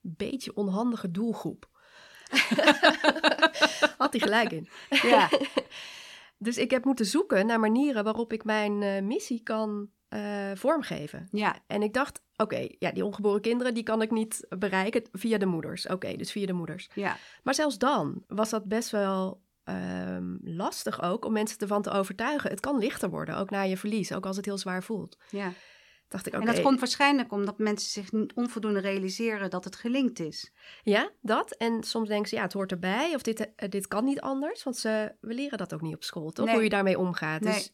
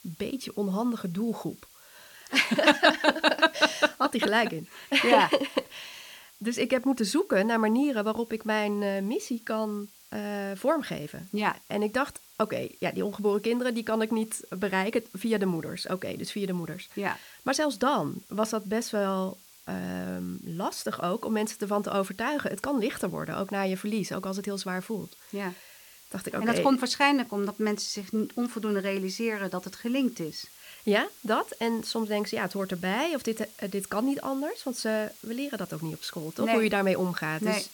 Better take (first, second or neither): first